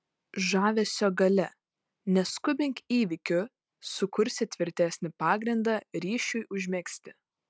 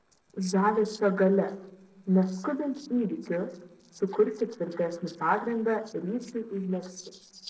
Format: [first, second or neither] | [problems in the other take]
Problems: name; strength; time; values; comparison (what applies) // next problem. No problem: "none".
first | noise reduction (neural separator model SepFormer DNS4)